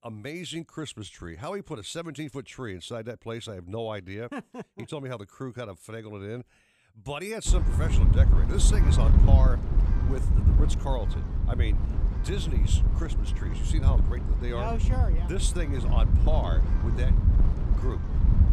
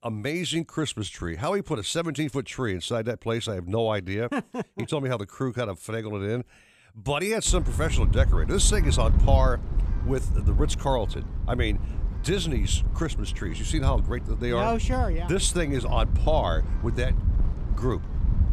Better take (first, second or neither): second